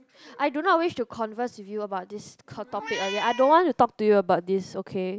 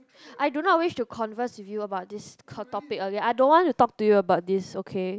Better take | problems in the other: second | background sound (Meow); 10 dB below the speech

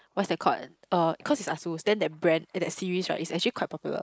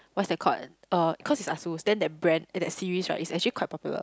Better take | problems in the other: second | noise reduction (neural mask model Resemble Enhance denoiser)

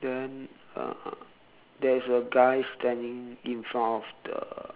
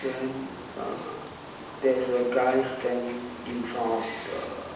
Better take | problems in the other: first | background sound (Wild animals); 11 dB below the speech // room echo; dies away in 0.8 s

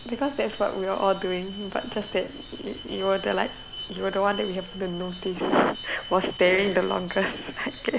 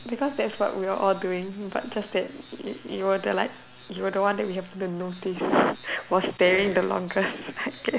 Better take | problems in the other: second | background sound (Alarm); 15 dB below the speech

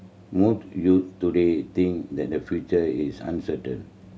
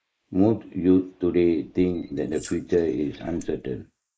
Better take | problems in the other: first | noise reduction (neural mask model Resemble Enhance denoiser)

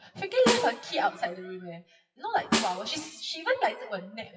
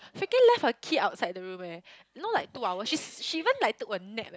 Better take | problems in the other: second | noise reduction (classical method WPE with log-MMSE)

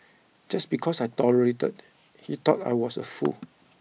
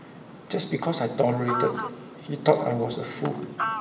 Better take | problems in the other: first | background sound (Fowl); 8 dB below the speech // room echo; dies away in 2.5 s

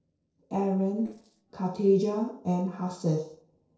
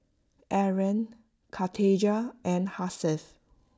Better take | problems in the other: second | noise reduction (neural separator model SepFormer DNS4)

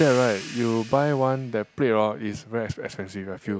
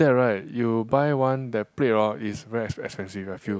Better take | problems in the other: second | background sound (Hi-hat); 19 dB below the speech

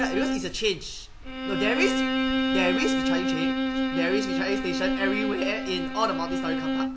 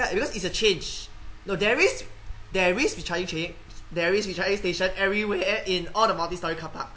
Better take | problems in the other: second | background sound (Bowed string instrument); 2 dB above the speech

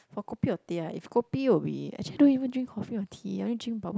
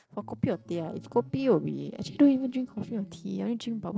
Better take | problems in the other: first | noise reduction (neural separator model SepFormer DNS4)

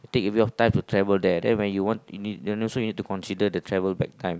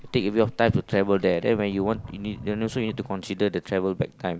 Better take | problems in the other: first | background sound (Sink (filling or washing)); 19 dB below the speech

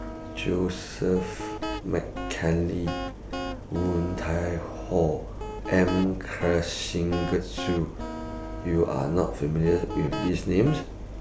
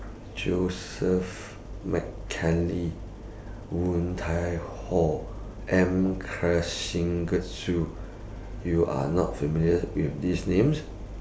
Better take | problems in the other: second | background sound (Guitar); 10 dB below the speech

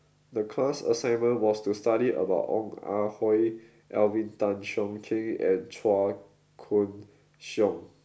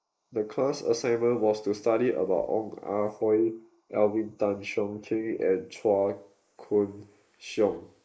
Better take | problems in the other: first | noise reduction (neural mask model Resemble Enhance denoiser)

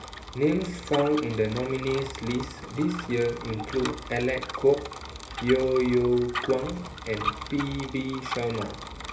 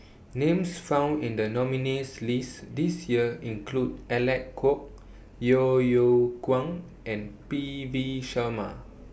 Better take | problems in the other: second | background sound (Bicycle); 9 dB below the speech // room echo; dies away in 0.3 s

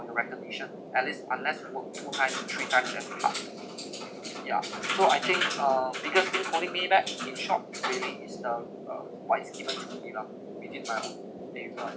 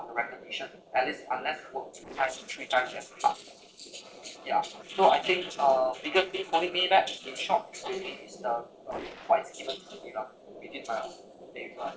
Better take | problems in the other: first | noise reduction (neural separator model SepFormer DNS4)

